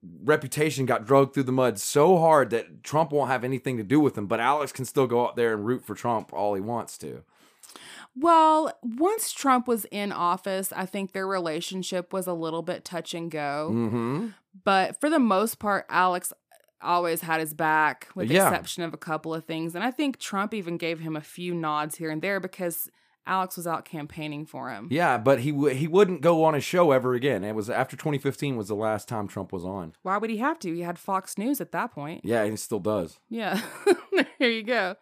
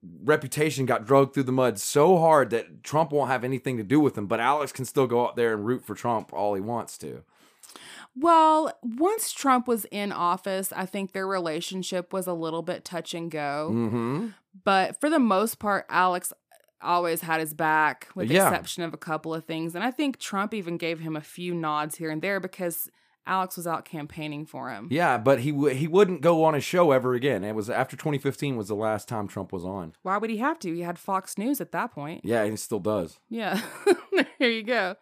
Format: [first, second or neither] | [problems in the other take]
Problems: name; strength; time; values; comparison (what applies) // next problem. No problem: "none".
neither | none